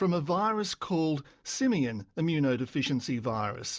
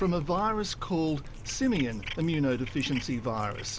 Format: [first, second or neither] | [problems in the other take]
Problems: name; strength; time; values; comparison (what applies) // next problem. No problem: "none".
first | background sound (Cat); 11 dB below the speech